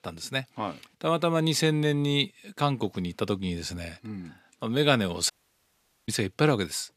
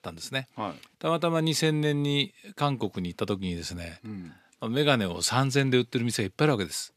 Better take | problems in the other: second | audio cutting out; at 5.5 s for 1 s

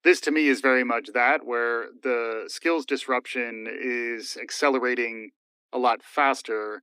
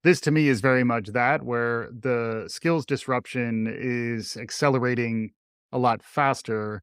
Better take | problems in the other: second | thin; very slightly; fading below 250 Hz

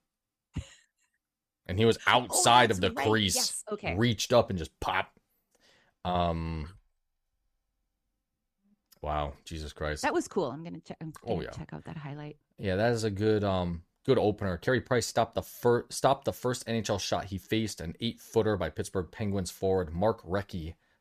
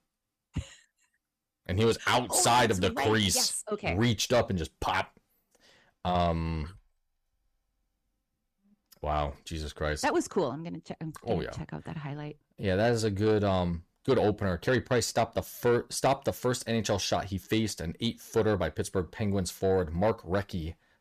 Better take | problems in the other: first | distortion; slight; 10 dB below the speech

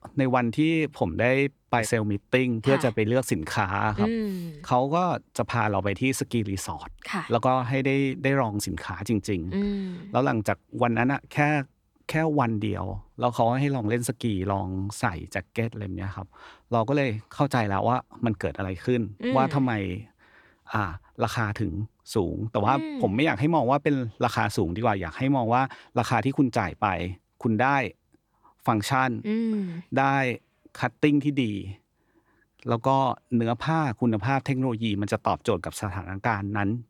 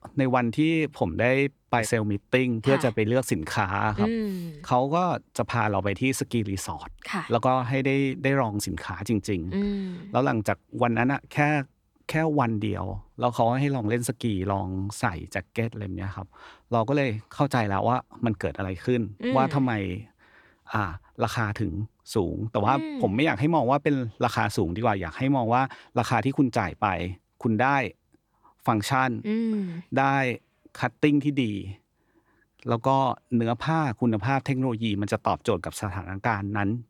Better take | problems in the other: neither | none

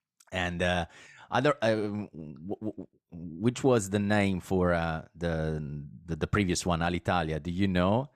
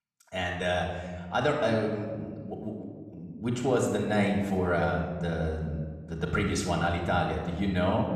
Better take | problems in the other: first | room echo; noticeable; dies away in 1.4 s // off-mic speech; somewhat distant

